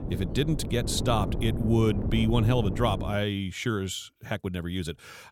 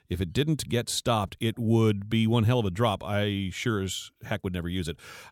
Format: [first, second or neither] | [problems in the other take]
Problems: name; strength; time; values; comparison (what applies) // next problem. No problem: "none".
second | wind noise on the microphone; heavy; until 3 s; 9 dB below the speech